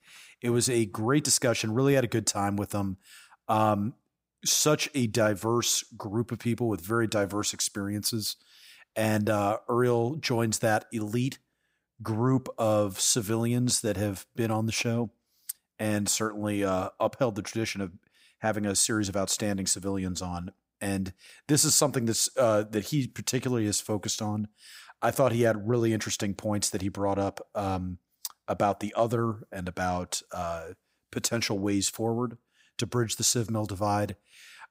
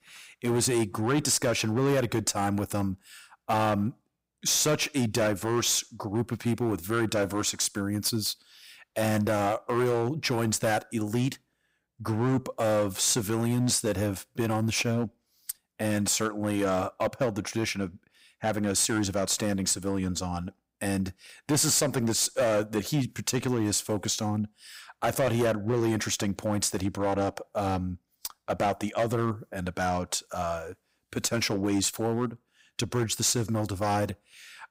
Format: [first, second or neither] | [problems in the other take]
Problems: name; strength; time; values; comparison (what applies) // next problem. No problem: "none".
first | distortion; slight; 8% of the sound clipped